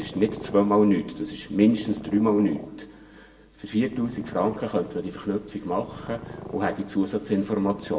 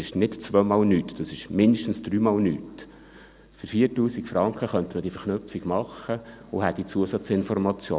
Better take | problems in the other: second | background sound (Purr); 17 dB below the speech // room echo; dies away in 0.6 s

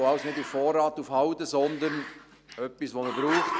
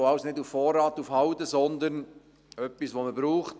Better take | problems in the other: second | background sound (Growling); 8 dB below the speech

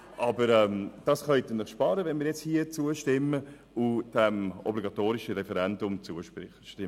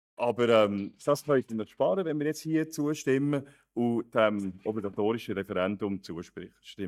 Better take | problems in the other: first | noise reduction (neural mask model DeepFilterNet 3)

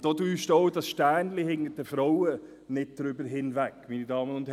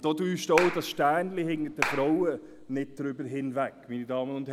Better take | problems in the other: first | background sound (Clapping); 7 dB below the speech

